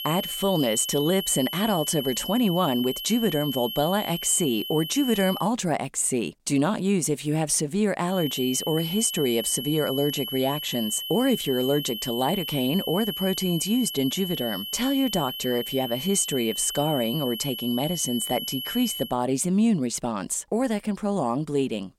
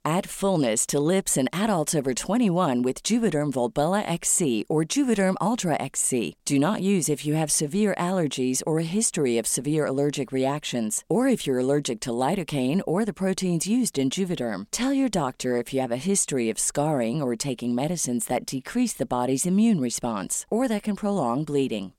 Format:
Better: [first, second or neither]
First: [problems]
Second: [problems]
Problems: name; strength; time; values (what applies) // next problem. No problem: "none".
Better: second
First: high-pitched whine; loud; until 5.5 s and from 8 to 19 s; 3 kHz, 6 dB below the speech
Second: none